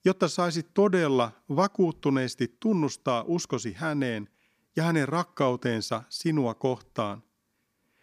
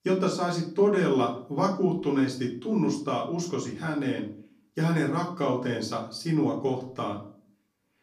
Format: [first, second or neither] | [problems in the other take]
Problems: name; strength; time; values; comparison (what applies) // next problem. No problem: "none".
first | off-mic speech; far // room echo; slight; dies away in 0.4 s